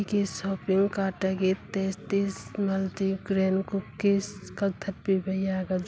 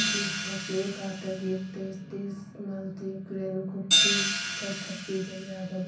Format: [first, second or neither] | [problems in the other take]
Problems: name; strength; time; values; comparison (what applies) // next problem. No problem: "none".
first | background sound (Hi-hat); 2 dB above the speech // room echo; dies away in 0.6 s